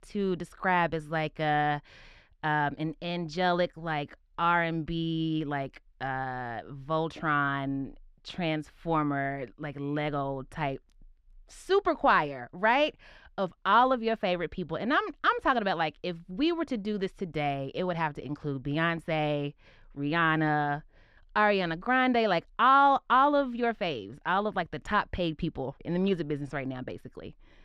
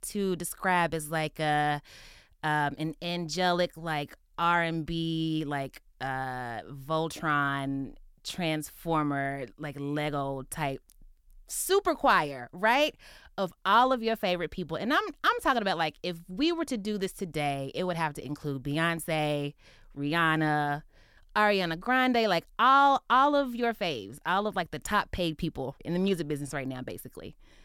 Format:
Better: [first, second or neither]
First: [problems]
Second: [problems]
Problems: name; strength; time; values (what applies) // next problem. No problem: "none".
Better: second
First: muffled; slightly; fading above 3 kHz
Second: none